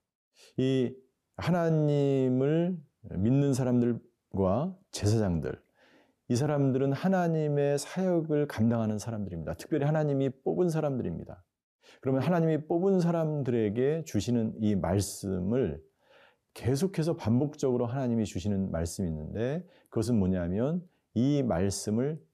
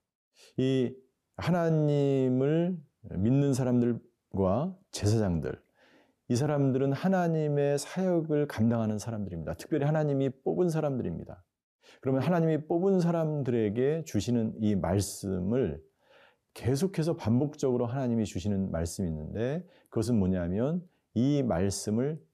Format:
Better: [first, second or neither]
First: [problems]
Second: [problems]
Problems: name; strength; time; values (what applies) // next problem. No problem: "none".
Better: neither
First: none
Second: none